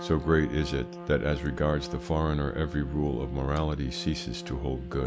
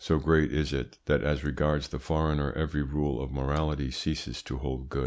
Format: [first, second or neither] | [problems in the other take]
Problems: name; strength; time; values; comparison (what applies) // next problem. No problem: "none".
second | background sound (Trumpet); 12 dB below the speech